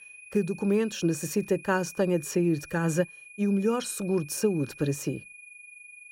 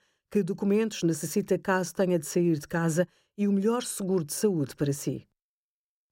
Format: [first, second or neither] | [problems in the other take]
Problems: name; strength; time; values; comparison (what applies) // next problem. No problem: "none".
second | high-pitched whine; noticeable; throughout; 2.5 kHz, 20 dB below the speech